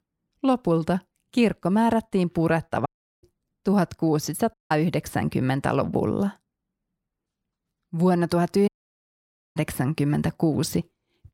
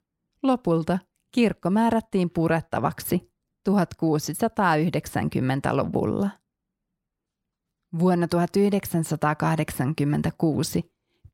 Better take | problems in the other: second | audio cutting out; at 3 s, at 4.5 s and at 8.5 s for 1 s

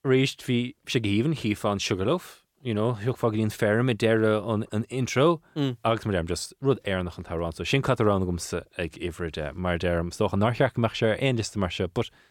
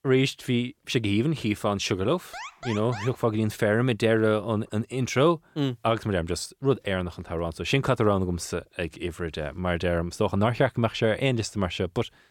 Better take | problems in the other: first | alarm; faint; at 2.5 s; peak 10 dB below the speech

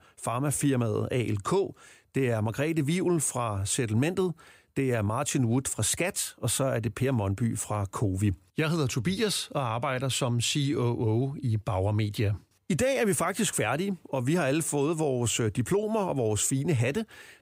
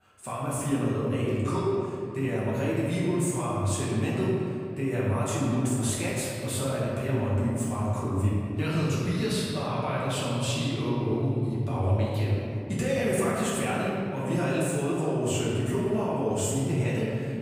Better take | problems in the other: first | room echo; strong; dies away in 2.7 s // off-mic speech; far

